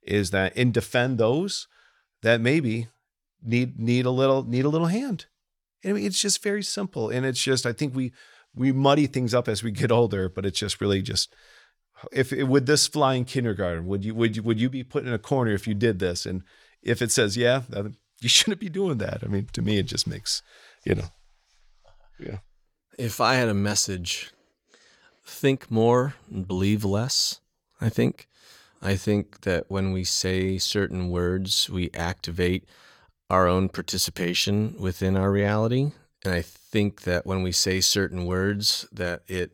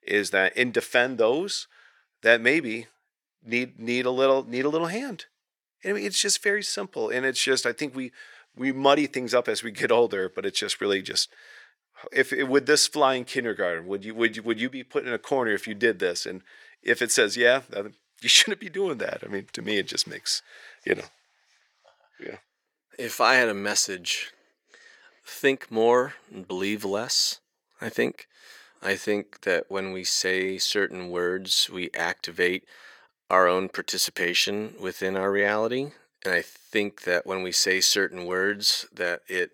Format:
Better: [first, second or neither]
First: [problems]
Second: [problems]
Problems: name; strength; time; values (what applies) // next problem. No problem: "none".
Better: first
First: none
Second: thin; somewhat; fading below 400 Hz